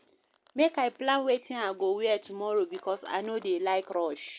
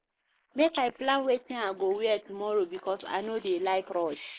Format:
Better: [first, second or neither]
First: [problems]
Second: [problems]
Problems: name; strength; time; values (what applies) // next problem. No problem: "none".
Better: first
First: none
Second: noise reduction (neural mask model Resemble Enhance denoiser)